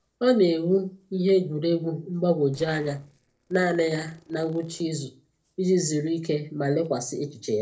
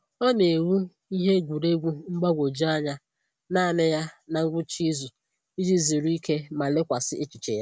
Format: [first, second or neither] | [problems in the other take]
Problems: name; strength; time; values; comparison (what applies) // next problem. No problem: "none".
second | noise reduction (neural separator model SepFormer DNS4)